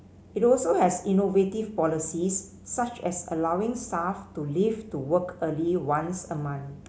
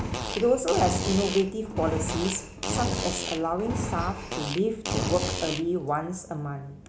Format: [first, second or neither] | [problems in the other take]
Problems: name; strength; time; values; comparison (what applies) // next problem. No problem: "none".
first | background sound (Fart + Engine); 3 dB below the speech